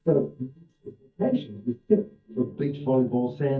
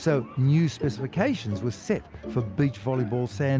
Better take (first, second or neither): second